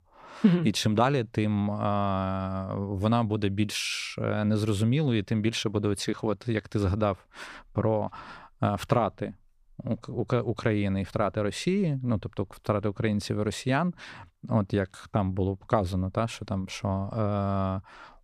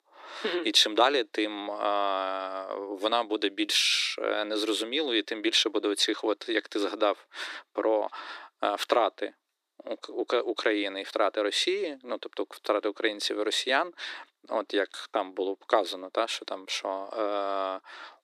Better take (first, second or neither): first